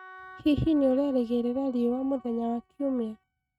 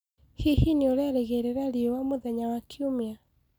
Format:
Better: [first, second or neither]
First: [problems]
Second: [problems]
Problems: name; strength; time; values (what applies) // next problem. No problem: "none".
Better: second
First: noise reduction (neural mask model RNNoise)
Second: none